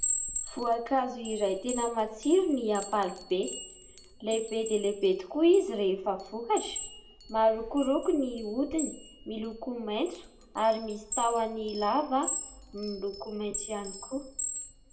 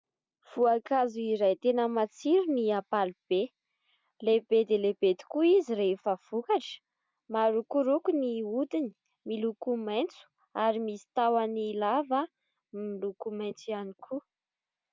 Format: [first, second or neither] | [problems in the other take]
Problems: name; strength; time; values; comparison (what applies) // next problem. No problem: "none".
second | background sound (Chime); 9 dB below the speech // room echo; dies away in 0.5 s